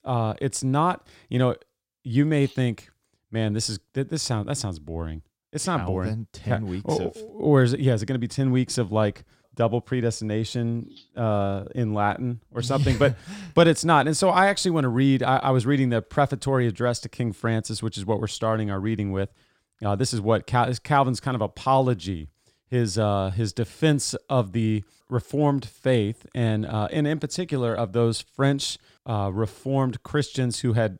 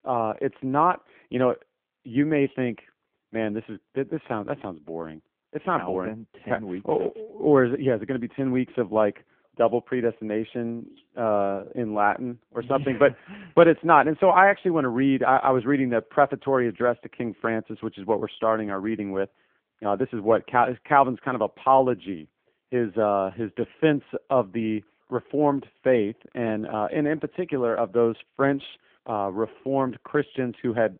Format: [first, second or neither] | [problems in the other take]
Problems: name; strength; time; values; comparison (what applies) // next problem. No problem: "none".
first | phone-call audio; poor line; nothing above 3.5 kHz